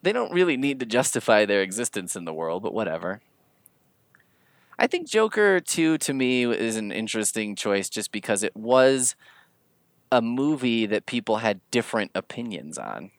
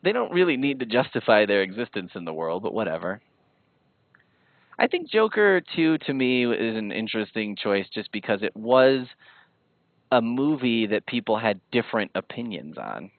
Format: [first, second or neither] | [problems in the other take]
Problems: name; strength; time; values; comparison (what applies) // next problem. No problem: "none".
first | garbled, watery; badly; nothing above 4 kHz